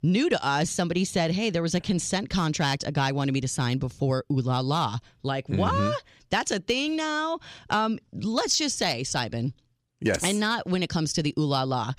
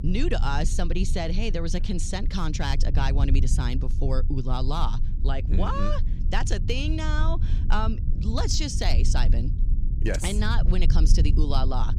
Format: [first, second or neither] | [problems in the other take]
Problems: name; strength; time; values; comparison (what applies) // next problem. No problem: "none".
first | low rumble; noticeable; throughout; 10 dB below the speech